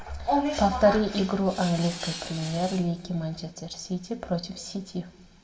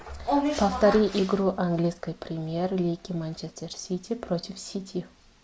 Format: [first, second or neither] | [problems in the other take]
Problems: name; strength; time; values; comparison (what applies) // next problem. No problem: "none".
second | background sound (Tools); 13 dB below the speech // room echo; dies away in 0.8 s